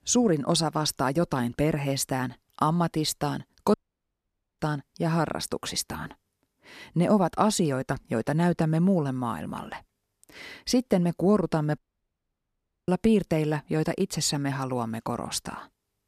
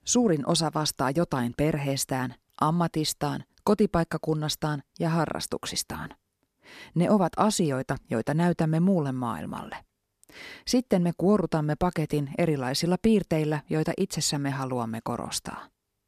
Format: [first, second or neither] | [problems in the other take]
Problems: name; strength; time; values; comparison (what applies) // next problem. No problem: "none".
second | audio cutting out; at 3.5 s for 1 s and at 12 s for 1 s